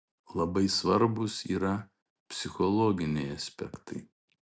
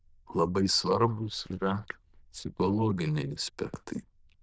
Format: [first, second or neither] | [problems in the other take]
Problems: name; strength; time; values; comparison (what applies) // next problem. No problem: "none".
first | noise reduction (neural diffusion model UNIVERSE++)